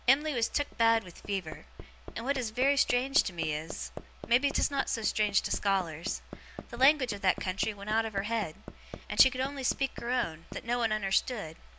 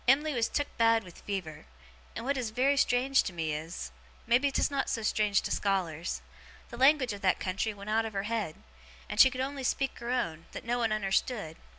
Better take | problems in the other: second | background sound (Hammer); 15 dB below the speech

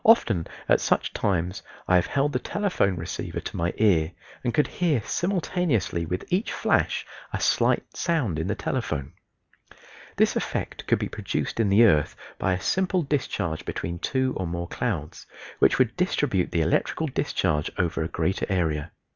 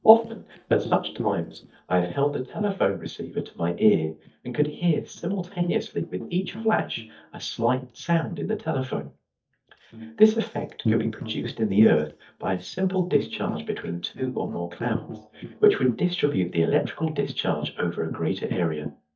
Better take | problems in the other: first | noise reduction (neural mask model DeepFilterNet 3)

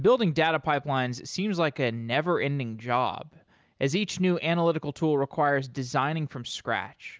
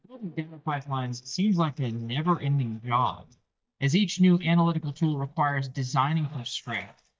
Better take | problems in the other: first | noise reduction (neural mask model DeepFilterNet 3)

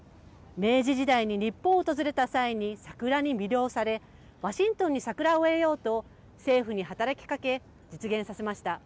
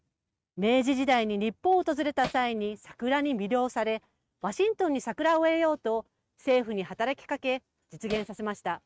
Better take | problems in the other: first | noise reduction (neural mask model RNNoise)

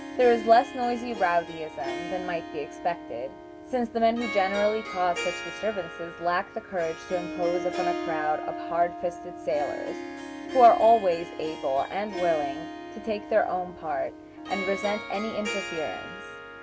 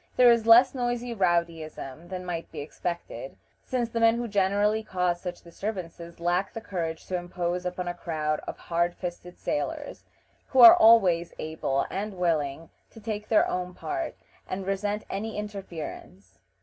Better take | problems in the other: second | background sound (Harp); 9 dB below the speech

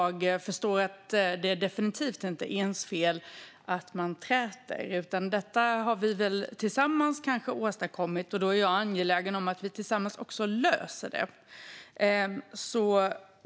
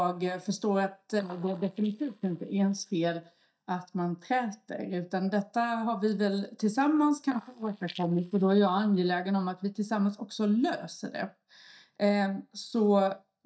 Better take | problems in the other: first | noise reduction (neural mask model DeepFilterNet 3)

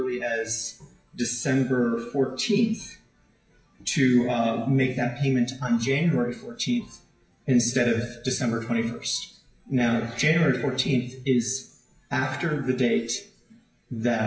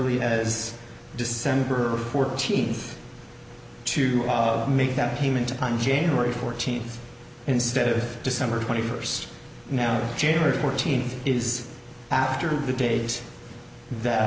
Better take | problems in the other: second | noise reduction (classical method WPE with log-MMSE)

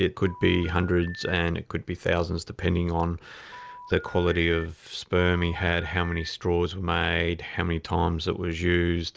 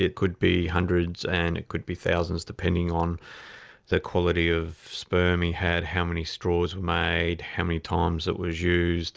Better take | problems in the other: second | background sound (Telephone); 16 dB below the speech

